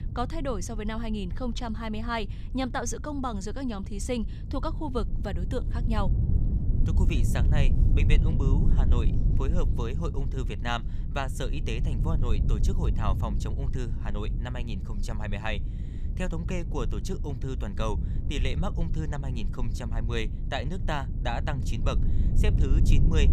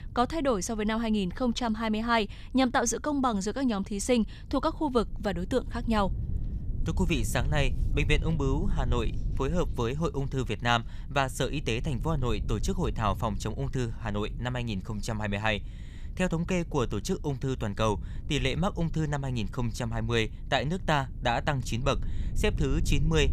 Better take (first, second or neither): second